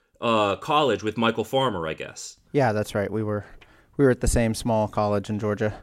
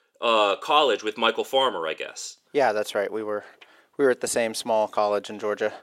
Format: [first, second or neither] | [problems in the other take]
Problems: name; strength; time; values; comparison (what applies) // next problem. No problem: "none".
first | thin; somewhat; fading below 450 Hz